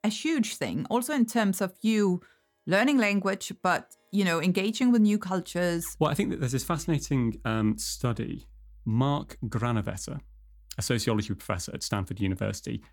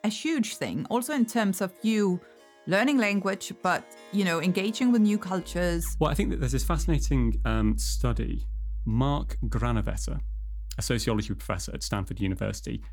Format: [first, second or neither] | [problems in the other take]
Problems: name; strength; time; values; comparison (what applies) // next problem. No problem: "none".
first | background music; loud; throughout; 8 dB below the speech; faint in the first